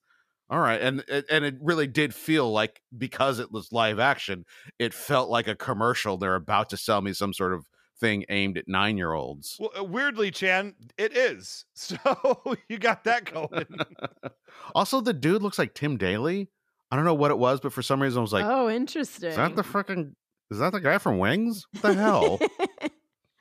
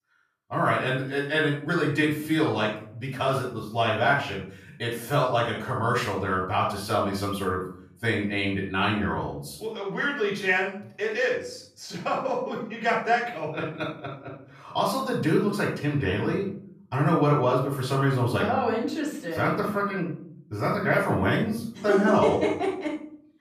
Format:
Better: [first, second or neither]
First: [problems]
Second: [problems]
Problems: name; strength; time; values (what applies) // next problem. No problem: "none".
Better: first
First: none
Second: off-mic speech; far // room echo; noticeable; dies away in 0.5 s